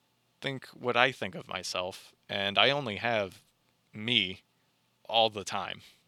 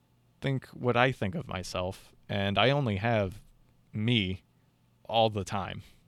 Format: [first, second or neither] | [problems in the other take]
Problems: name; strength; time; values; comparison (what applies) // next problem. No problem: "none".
second | thin; somewhat; fading below 950 Hz